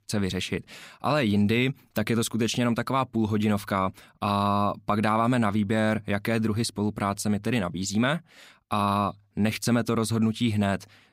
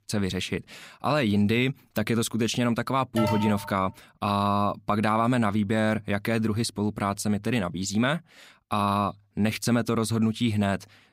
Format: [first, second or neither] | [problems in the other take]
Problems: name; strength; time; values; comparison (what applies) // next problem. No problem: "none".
first | alarm; noticeable; at 3 s; peak 3 dB below the speech